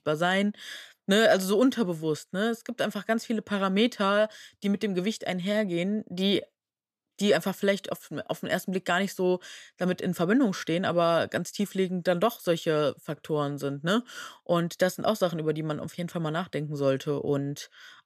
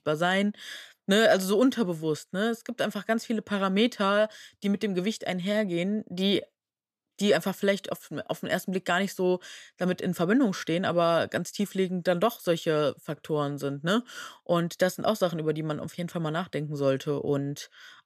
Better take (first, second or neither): neither